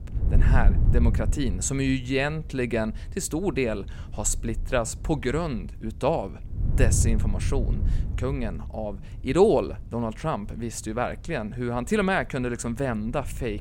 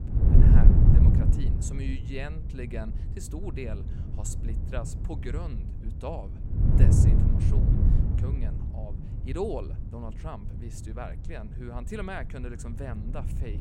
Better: first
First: wind noise on the microphone; occasional gusts; 15 dB below the speech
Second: wind noise on the microphone; heavy; 2 dB above the speech

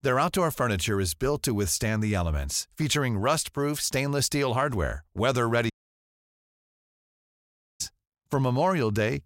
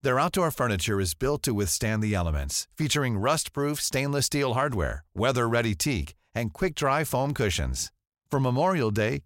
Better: second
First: audio cutting out; at 5.5 s for 2 s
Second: none

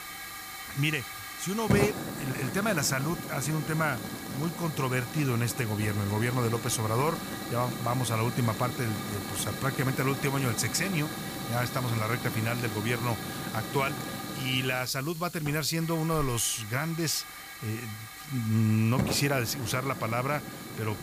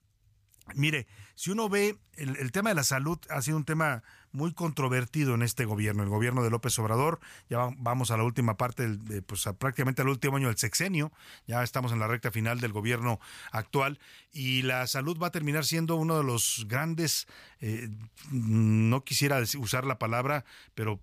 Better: second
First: hiss; loud; throughout; 6 dB below the speech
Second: none

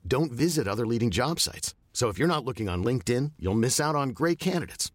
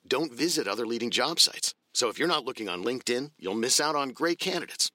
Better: first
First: none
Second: thin; somewhat; fading below 250 Hz

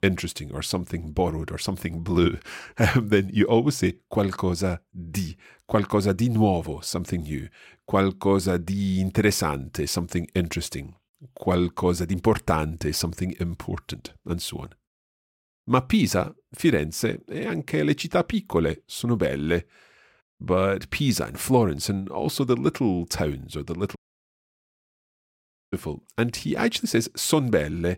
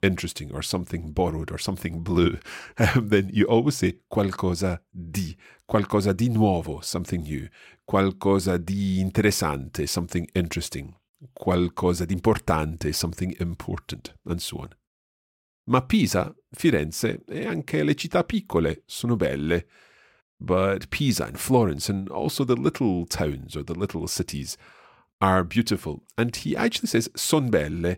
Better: second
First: audio cutting out; at 24 s for 2 s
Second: none

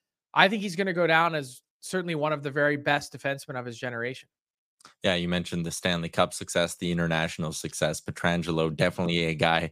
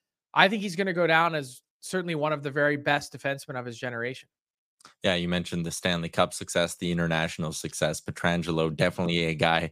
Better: neither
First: none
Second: none

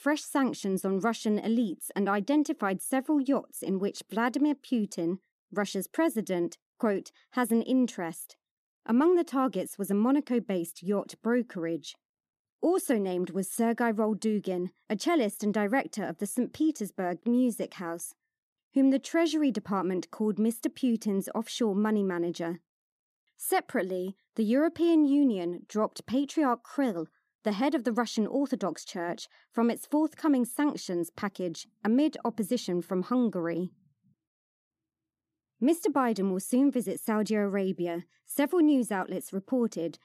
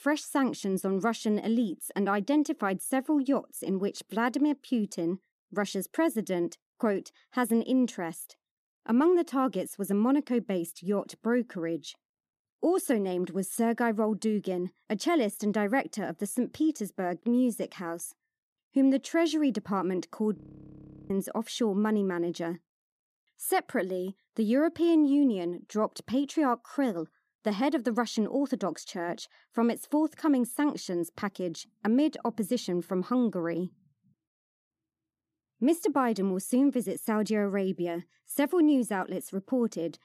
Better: first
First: none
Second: audio freezing; at 20 s for 0.5 s

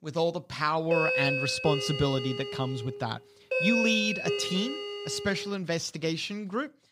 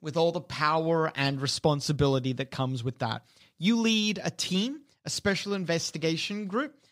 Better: second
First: doorbell; loud; from 1 to 5.5 s; peak 5 dB above the speech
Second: none

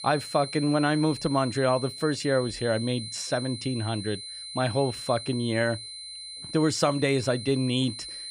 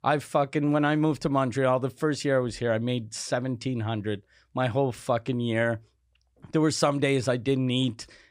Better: second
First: high-pitched whine; loud; throughout; 4 kHz, 10 dB below the speech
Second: none

